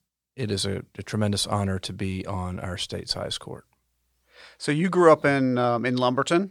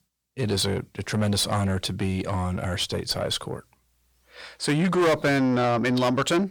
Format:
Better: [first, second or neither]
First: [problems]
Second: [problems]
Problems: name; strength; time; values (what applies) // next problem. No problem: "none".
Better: first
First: none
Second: distortion; heavy; 7 dB below the speech